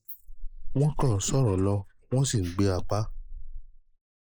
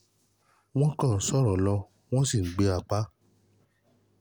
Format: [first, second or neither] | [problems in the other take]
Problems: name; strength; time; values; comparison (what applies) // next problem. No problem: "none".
second | noise reduction (neural mask model Resemble Enhance denoiser)